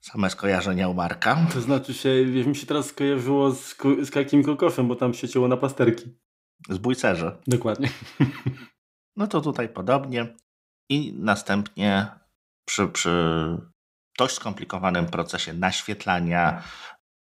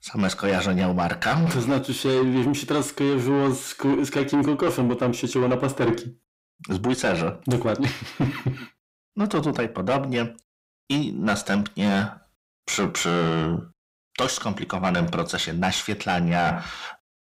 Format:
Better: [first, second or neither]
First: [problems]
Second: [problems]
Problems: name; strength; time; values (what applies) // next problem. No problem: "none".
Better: first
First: none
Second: distortion; heavy; 8 dB below the speech